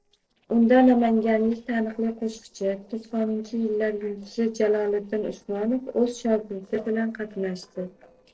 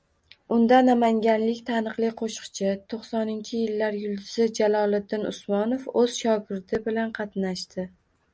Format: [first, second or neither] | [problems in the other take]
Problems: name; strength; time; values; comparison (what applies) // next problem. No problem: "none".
second | noise reduction (neural separator model SepFormer DNS4)